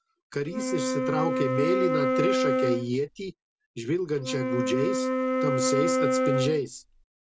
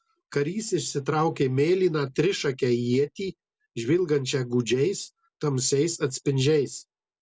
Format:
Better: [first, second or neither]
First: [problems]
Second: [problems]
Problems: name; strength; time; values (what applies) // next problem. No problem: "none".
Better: second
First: background sound (Wind instrument, woodwind instrument); 3 dB above the speech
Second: none